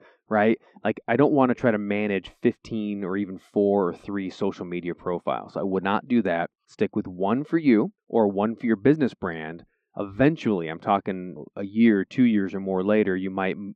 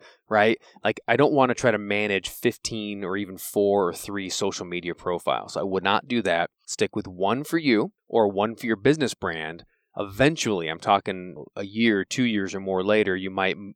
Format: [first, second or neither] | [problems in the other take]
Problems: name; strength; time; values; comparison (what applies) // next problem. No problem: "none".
second | muffled; very; fading above 2 kHz